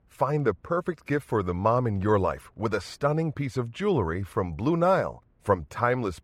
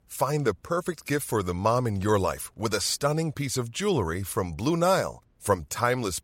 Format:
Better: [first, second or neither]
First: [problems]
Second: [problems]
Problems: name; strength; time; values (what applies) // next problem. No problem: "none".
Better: second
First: muffled; very; fading above 3.5 kHz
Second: none